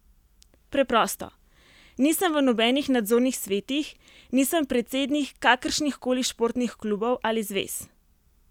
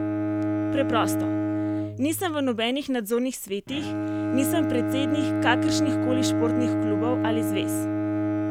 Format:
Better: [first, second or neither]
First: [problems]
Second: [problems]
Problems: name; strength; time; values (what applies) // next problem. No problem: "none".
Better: first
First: none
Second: background sound (Bowed string instrument); 3 dB above the speech